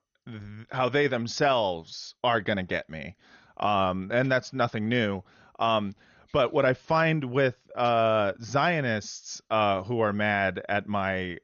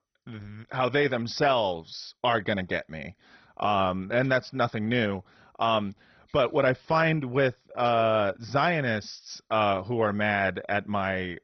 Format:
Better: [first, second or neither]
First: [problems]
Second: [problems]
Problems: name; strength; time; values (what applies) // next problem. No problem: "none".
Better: first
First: garbled, watery; slightly; nothing above 6.5 kHz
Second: garbled, watery; badly; nothing above 6 kHz